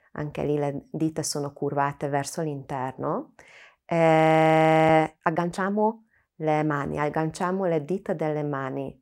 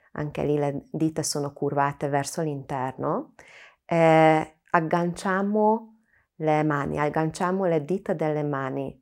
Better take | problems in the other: second | audio freezing; at 4 s for 0.5 s

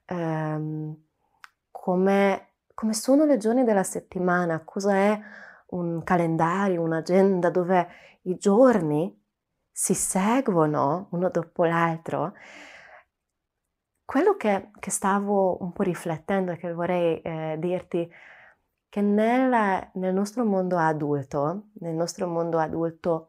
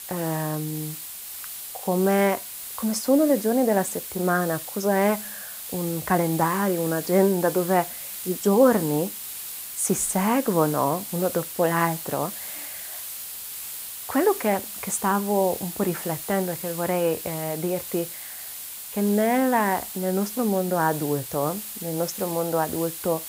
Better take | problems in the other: first | hiss; loud; throughout; 8 dB below the speech

